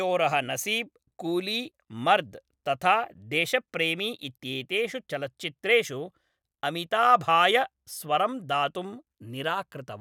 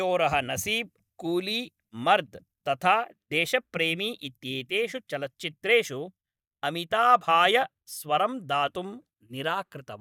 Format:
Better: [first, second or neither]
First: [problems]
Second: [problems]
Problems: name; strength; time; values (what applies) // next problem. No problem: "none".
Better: first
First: none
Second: noise reduction (neural mask model DeepFilterNet 3)